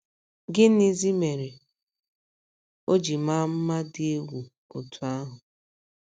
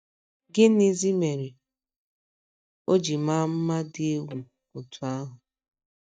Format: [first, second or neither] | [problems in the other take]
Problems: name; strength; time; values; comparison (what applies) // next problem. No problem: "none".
first | noise reduction (neural mask model DeepFilterNet 3)